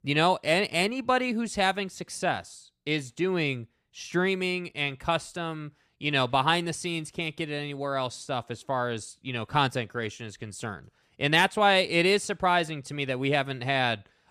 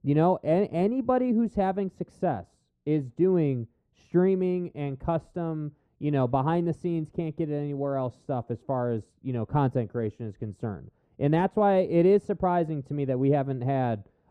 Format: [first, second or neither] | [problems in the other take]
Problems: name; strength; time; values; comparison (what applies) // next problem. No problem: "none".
first | muffled; very; fading above 1.5 kHz